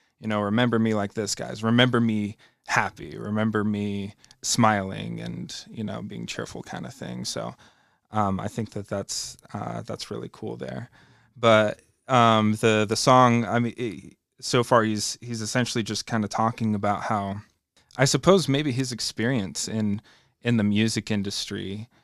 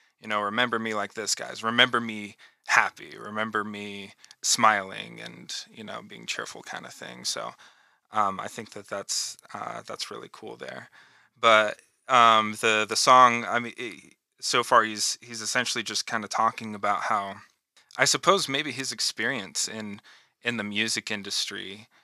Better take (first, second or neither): first